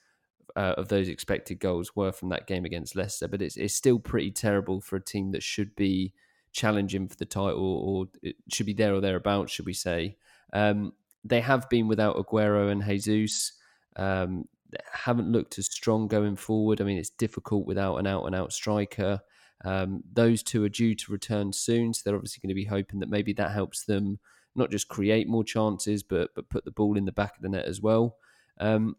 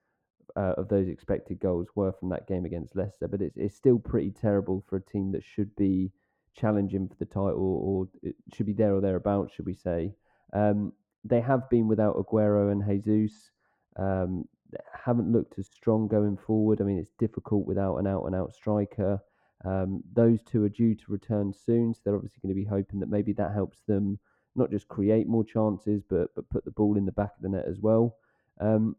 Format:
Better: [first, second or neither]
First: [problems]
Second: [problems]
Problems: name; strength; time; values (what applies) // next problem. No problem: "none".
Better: first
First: none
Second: muffled; very; fading above 2 kHz